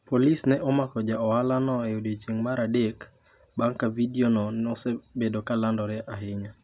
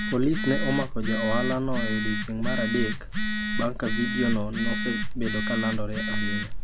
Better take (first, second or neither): first